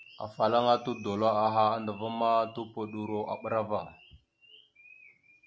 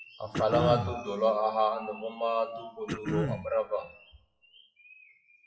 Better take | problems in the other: first | noise reduction (classical method WPE with log-MMSE)

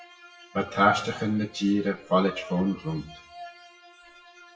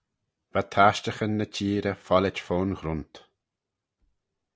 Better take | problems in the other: second | noise reduction (classical method WPE with log-MMSE)

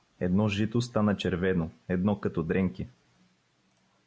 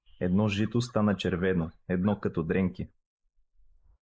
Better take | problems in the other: first | noise reduction (neural mask model Resemble Enhance denoiser)

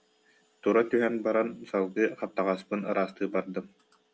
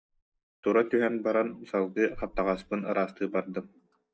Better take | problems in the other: first | noise reduction (neural mask model DeepFilterNet 3)

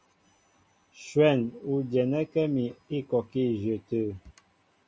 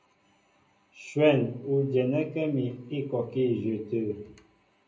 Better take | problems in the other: first | room echo; dies away in 0.5 s

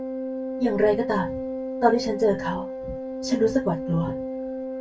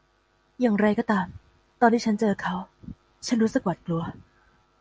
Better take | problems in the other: second | background sound (Organ); 5 dB below the speech // room echo; dies away in 0.2 s

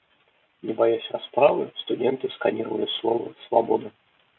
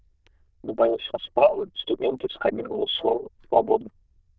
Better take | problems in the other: first | noise reduction (neural diffusion model UNIVERSE++)

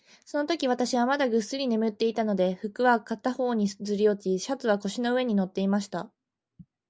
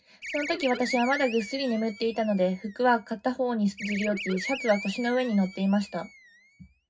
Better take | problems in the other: first | background sound (Animal); 12 dB below the speech // room echo; dies away in 0.3 s

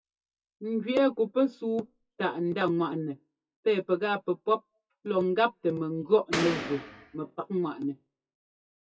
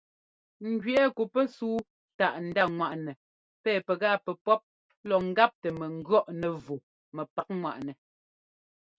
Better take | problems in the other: second | noise reduction (classical method WPE with log-MMSE)

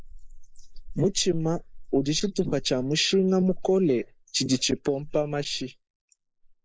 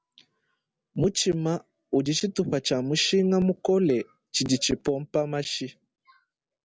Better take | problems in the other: second | noise reduction (neural mask model Resemble Enhance denoiser)

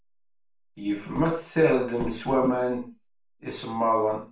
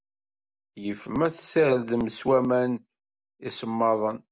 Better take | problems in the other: second | room echo; dies away in 0.3 s

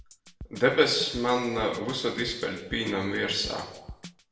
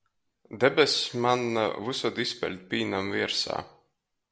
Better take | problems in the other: second | background sound (Drum kit); 17 dB below the speech // room echo; dies away in 0.8 s

